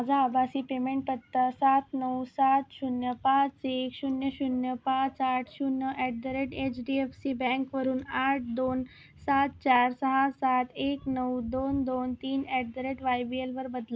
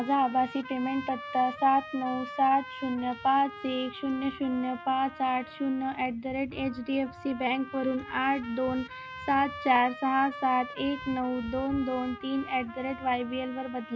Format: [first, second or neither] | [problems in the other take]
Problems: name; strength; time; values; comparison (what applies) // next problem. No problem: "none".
first | background sound (Trumpet); 14 dB below the speech